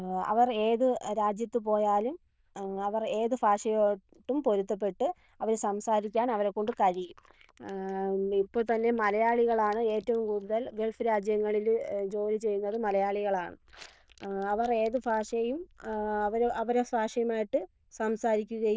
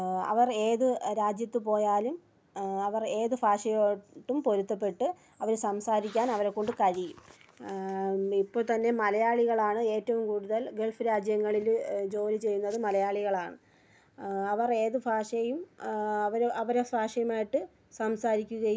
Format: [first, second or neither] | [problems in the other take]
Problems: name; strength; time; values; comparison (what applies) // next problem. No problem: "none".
second | noise reduction (neural diffusion model UNIVERSE++)